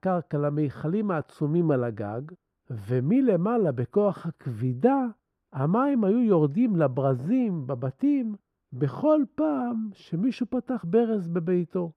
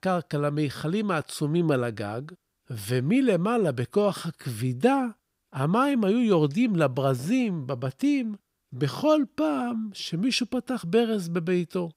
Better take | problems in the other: second | muffled; very; fading above 2 kHz

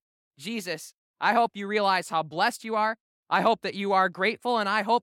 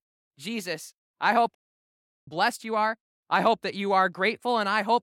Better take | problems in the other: first | audio cutting out; at 1.5 s for 0.5 s

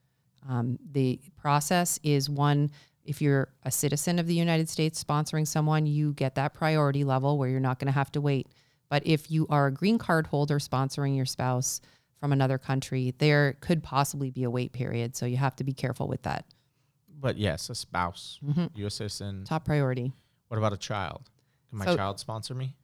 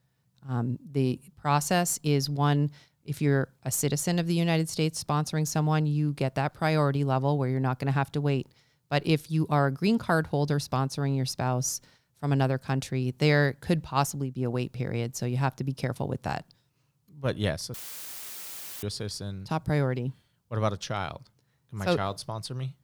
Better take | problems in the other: first | audio cutting out; filled with static; at 18 s for 1 s

